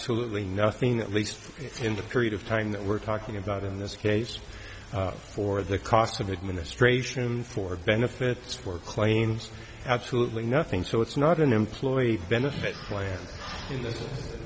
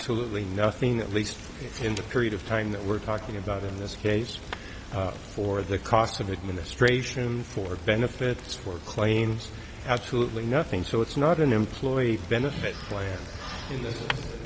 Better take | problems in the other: first | background sound (Fire); 14 dB below the speech

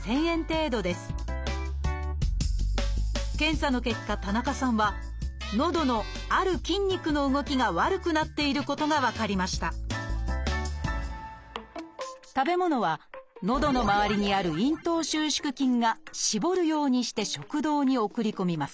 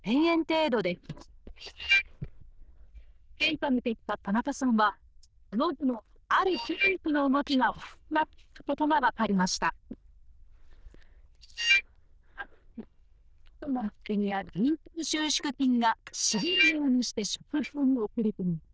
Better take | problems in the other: first | noise reduction (neural diffusion model UNIVERSE++)

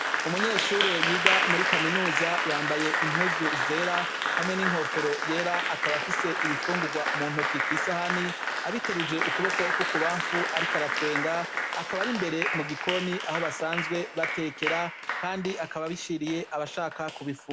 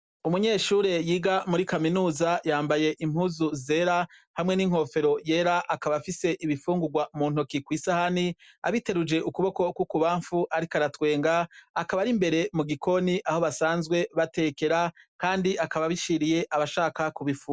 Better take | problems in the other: second | background sound (Applause); 2 dB above the speech

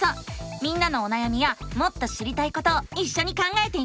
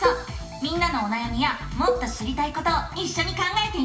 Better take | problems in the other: first | background sound (Cowbell); 7 dB below the speech // room echo; dies away in 0.8 s

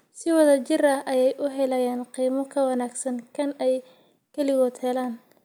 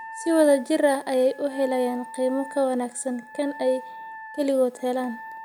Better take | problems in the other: first | background sound (Wind instrument, woodwind instrument); 16 dB below the speech

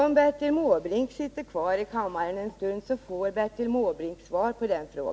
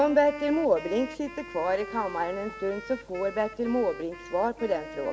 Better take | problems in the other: first | background sound (Wind instrument, woodwind instrument); 14 dB below the speech

